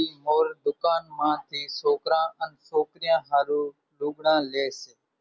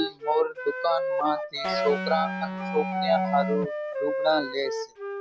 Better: first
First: none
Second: background sound (Electric guitar + Wind instrument, woodwind instrument); 2 dB below the speech

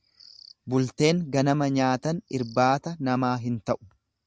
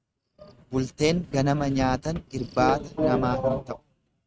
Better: first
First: none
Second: noise reduction (neural mask model RNNoise)

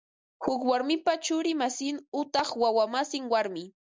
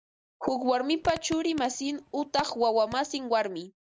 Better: first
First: none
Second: background sound (Fart); 18 dB below the speech

